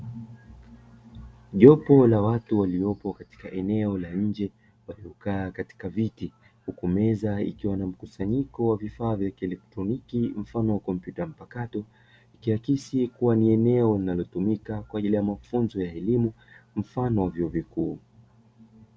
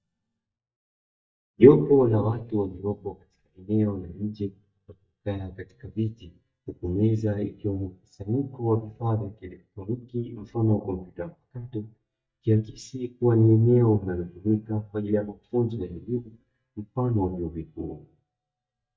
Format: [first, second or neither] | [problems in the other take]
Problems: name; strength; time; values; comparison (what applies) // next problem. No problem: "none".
first | noise reduction (neural mask model DeepFilterNet 3)